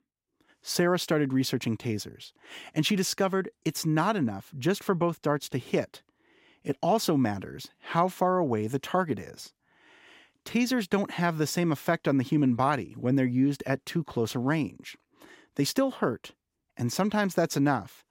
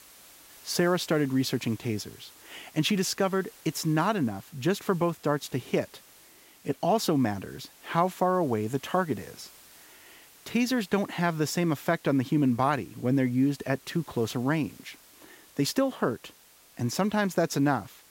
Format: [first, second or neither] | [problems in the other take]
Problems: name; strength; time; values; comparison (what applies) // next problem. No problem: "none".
first | hiss; faint; throughout; 25 dB below the speech